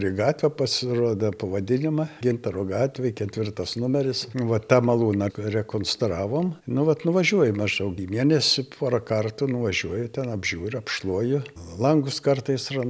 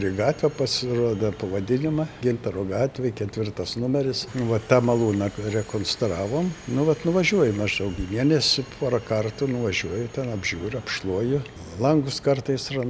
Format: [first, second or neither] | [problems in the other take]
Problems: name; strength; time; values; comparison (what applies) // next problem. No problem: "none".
first | background sound (Subway, metro, underground); 18 dB below the speech